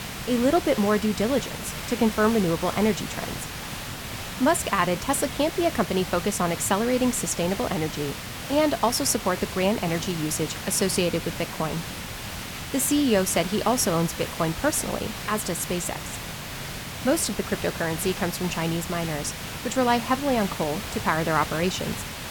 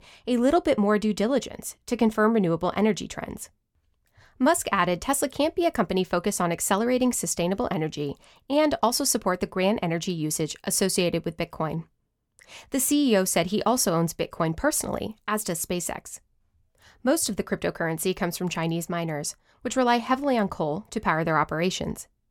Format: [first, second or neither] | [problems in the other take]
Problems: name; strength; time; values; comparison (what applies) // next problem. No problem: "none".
second | hiss; loud; throughout; 8 dB below the speech